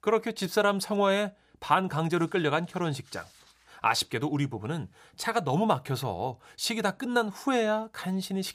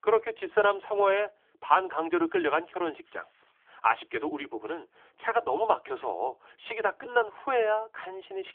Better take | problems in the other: first | phone-call audio; nothing above 3.5 kHz

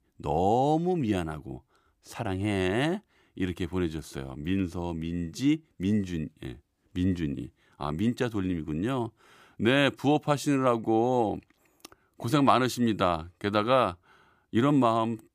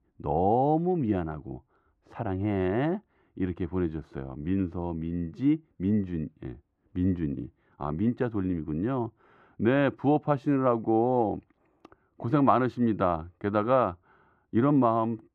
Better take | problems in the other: first | muffled; very; fading above 4 kHz

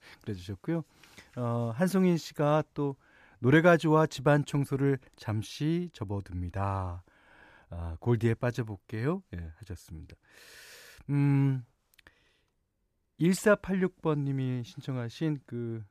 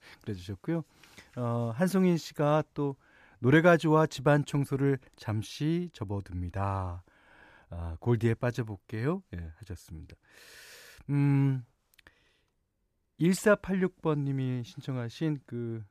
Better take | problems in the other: neither | none

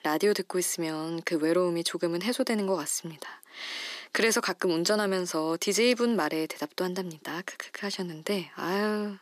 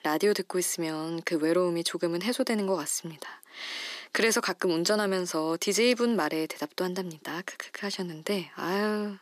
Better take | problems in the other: neither | thin; somewhat; fading below 300 Hz; the same in both

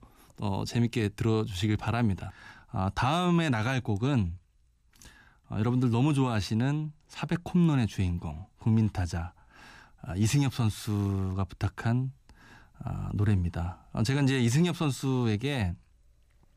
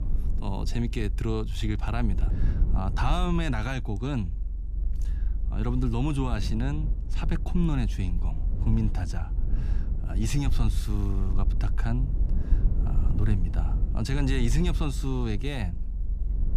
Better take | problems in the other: first | low rumble; noticeable; throughout; 10 dB below the speech

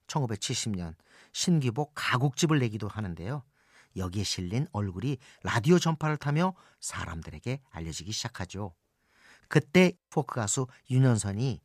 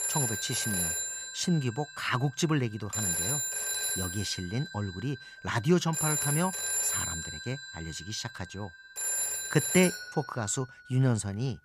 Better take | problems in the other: first | alarms or sirens; very loud; throughout; 1 dB above the speech

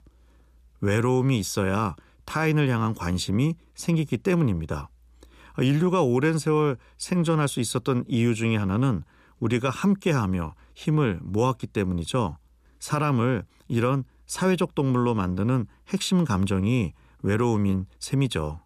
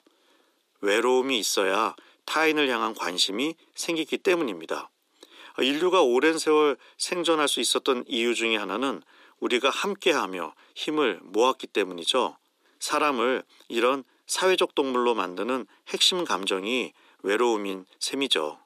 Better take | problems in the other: first | thin; somewhat; fading below 300 Hz

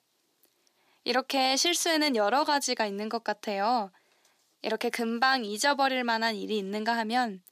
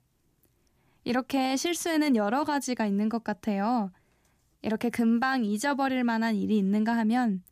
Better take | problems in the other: second | thin; somewhat; fading below 450 Hz

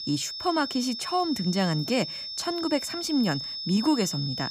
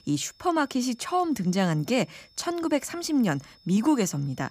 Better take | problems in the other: second | high-pitched whine; loud; throughout; 5.5 kHz, 5 dB below the speech; faint in the second

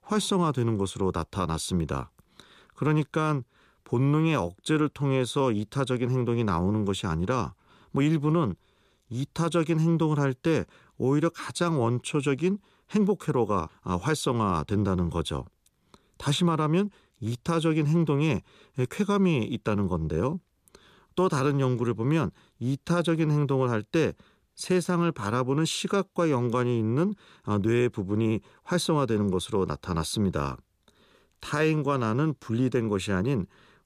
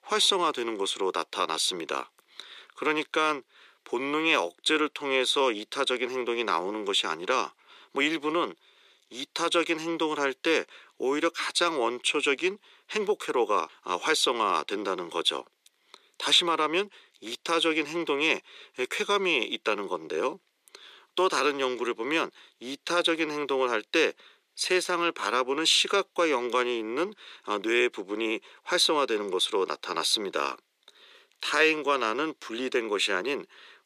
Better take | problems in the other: first | thin; very; fading below 350 Hz

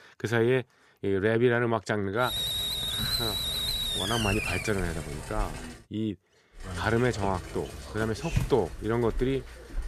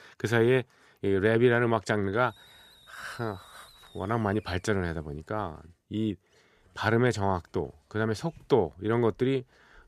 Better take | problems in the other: second | hiss; loud; from 2.5 to 6 s and from 6.5 s on; 2 dB below the speech; faint in the second

